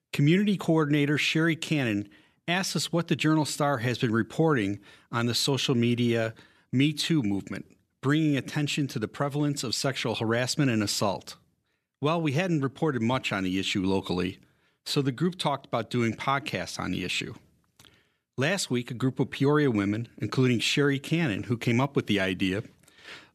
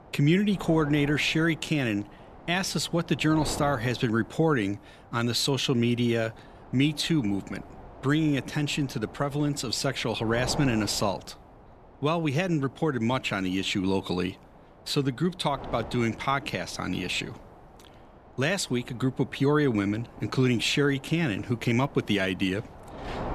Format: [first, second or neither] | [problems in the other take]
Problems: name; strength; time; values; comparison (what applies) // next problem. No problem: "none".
first | wind noise on the microphone; occasional gusts; 15 dB below the speech